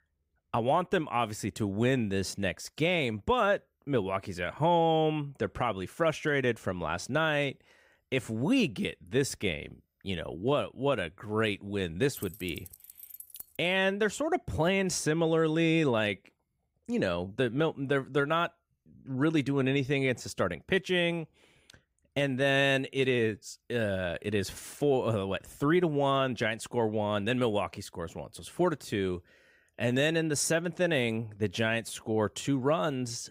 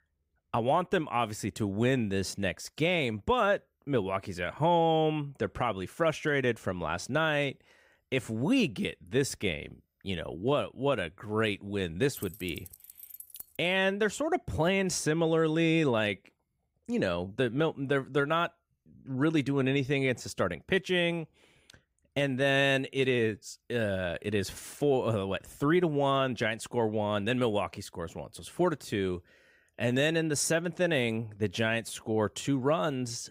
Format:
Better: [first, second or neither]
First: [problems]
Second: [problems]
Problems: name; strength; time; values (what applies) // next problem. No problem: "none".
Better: neither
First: jangling keys; faint; from 12 to 14 s; peak 15 dB below the speech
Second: jangling keys; faint; from 12 to 14 s; peak 15 dB below the speech